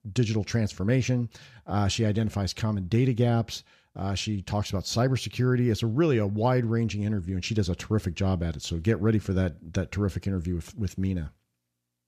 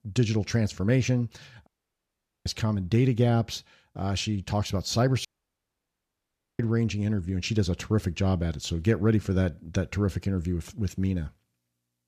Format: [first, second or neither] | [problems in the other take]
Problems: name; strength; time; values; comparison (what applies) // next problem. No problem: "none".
first | audio cutting out; at 1.5 s for 1 s and at 5.5 s for 1.5 s